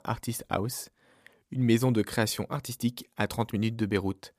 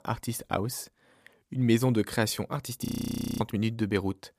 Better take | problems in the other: first | audio freezing; at 3 s for 0.5 s

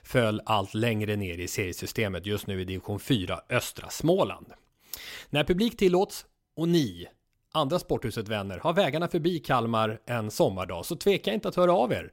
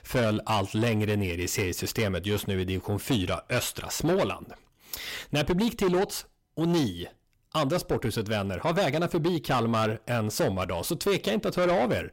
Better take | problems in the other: first | distortion; heavy; 8 dB below the speech

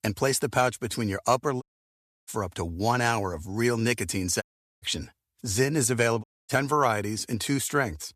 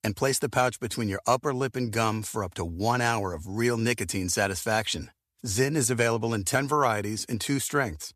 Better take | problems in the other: second | audio cutting out; at 1.5 s for 0.5 s, at 4.5 s and at 6 s

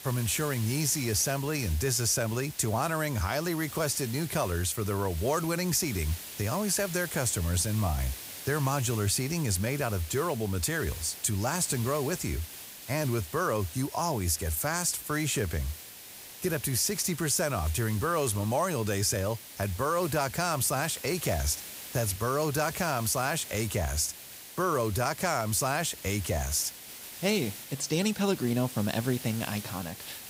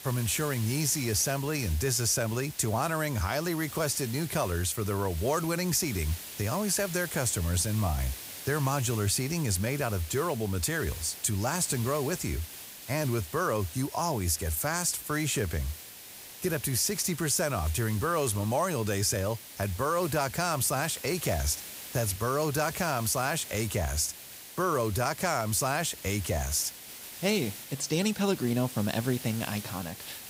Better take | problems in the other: neither | hiss; noticeable; throughout; 10 dB below the speech; the same in both

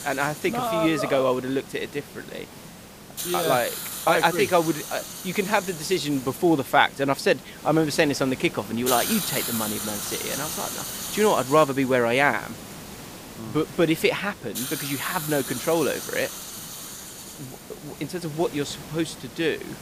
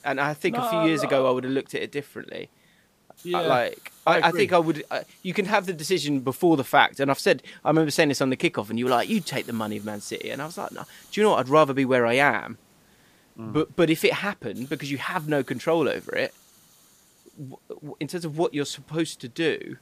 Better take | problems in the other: second | hiss; loud; throughout; 9 dB below the speech; faint in the second

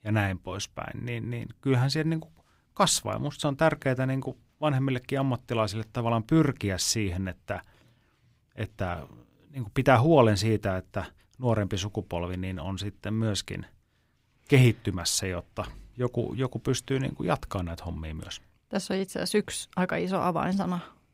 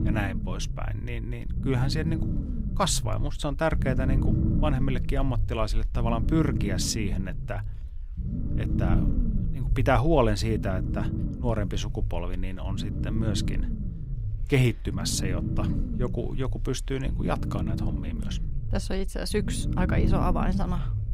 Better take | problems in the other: first | low rumble; loud; throughout; 9 dB below the speech

